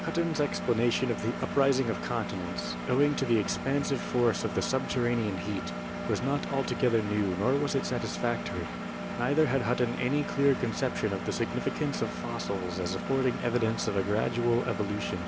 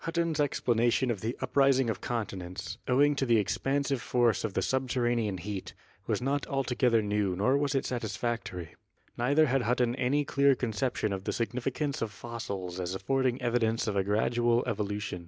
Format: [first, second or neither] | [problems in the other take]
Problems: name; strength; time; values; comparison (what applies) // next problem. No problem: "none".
second | background sound (Engine); 6 dB below the speech